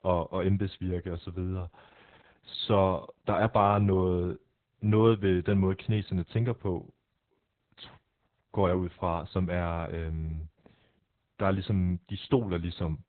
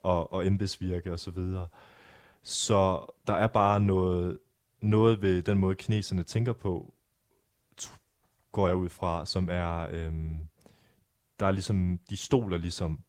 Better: second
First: garbled, watery; badly; nothing above 4 kHz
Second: garbled, watery; slightly; nothing above 16 kHz

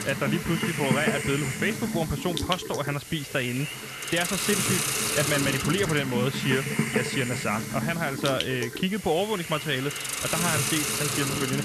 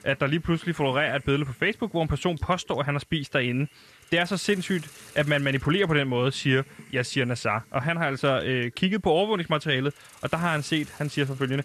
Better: second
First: hiss; loud; throughout; as loud as the speech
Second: hiss; faint; throughout; 25 dB below the speech

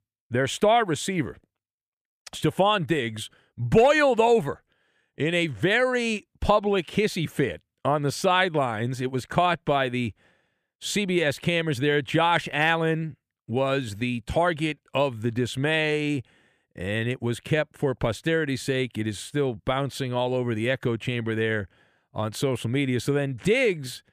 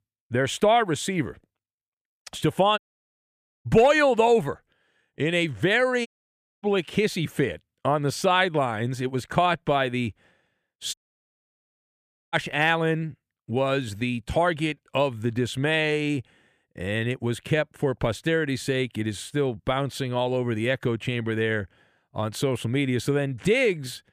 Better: first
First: none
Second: audio cutting out; at 3 s for 1 s, at 6 s for 0.5 s and at 11 s for 1.5 s

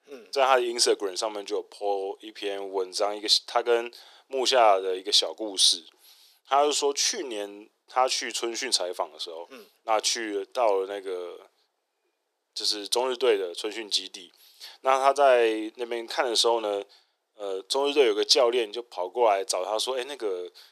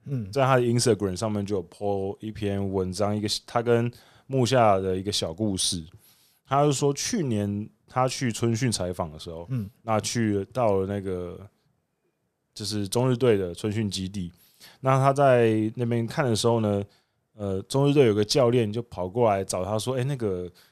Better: second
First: thin; very; fading below 350 Hz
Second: none

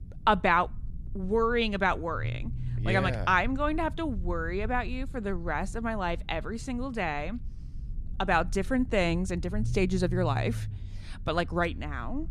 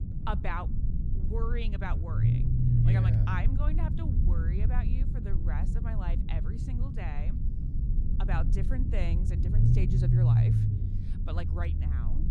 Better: first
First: low rumble; faint; throughout; 25 dB below the speech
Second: low rumble; loud; throughout; 1 dB below the speech

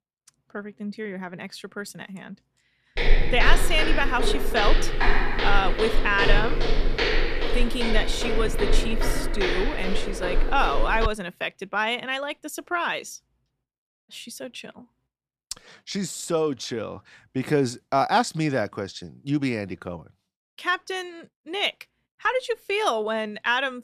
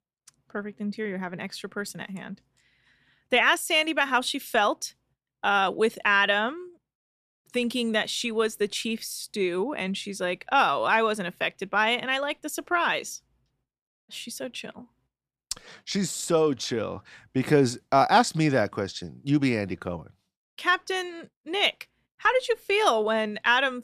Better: second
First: footsteps; loud; from 3 to 11 s; peak 3 dB above the speech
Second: none

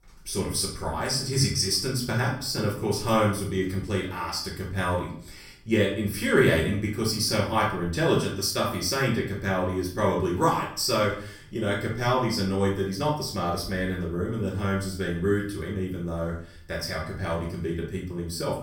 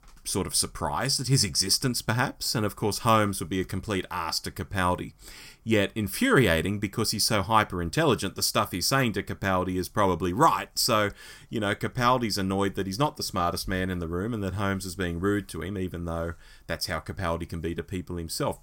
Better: second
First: off-mic speech; far // room echo; slight; dies away in 0.5 s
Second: none

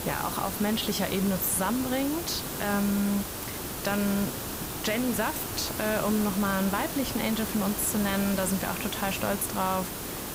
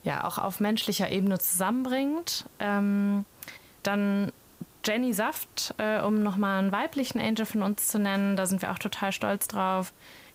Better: second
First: hiss; loud; throughout; 4 dB below the speech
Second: hiss; faint; throughout; 25 dB below the speech

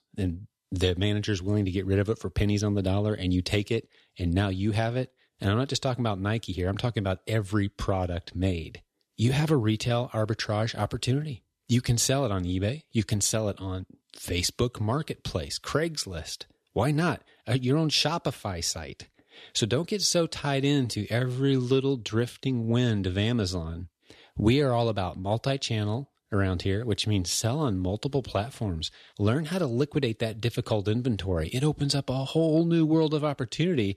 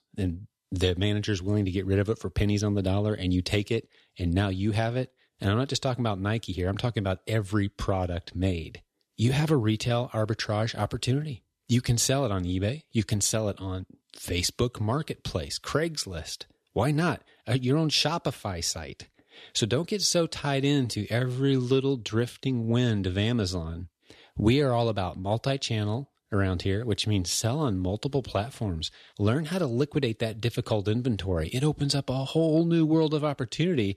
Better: neither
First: none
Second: none

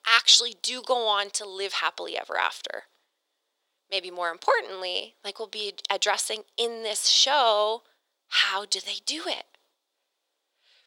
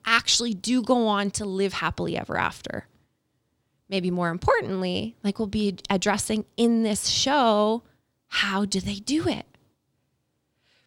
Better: second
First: thin; very; fading below 500 Hz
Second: none

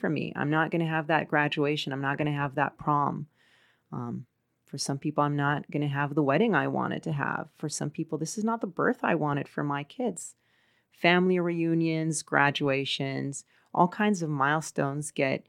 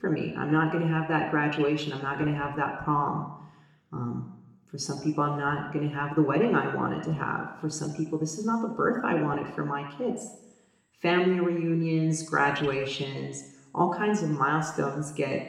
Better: first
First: none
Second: room echo; noticeable; dies away in 0.8 s // off-mic speech; somewhat distant

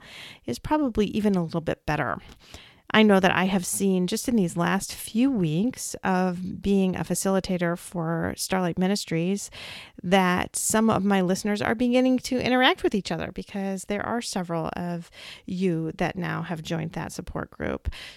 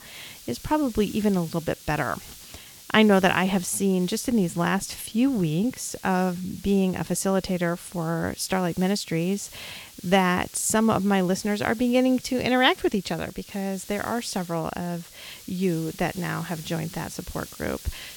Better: first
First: none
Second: hiss; noticeable; throughout; 20 dB below the speech

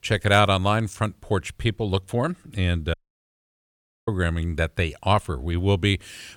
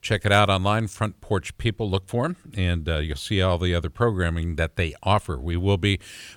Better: second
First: audio cutting out; at 3 s for 1 s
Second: none

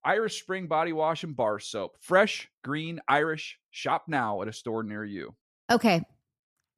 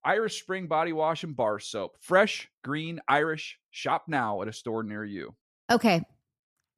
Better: neither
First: none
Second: none

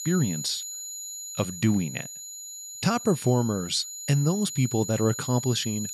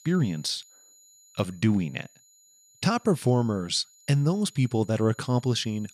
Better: second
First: high-pitched whine; loud; throughout; 7 kHz, 8 dB below the speech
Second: high-pitched whine; faint; throughout; 7 kHz, 25 dB below the speech

